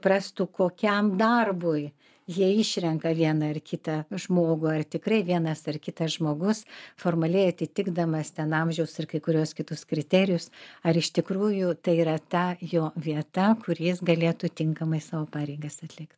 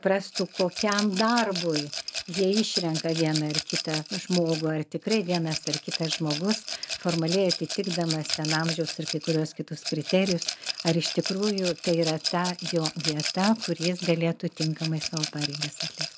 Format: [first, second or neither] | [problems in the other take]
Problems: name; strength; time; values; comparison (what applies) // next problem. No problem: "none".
first | background sound (Rattle / Glass); 6 dB below the speech